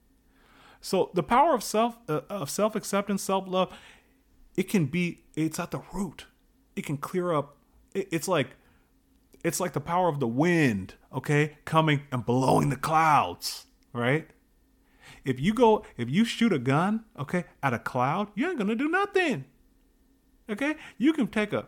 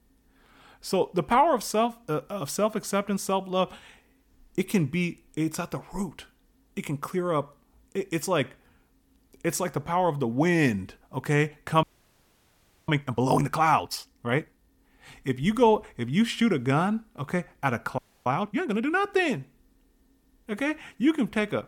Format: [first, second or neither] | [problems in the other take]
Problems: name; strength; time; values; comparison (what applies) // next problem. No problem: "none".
first | audio freezing; at 12 s for 1 s and at 18 s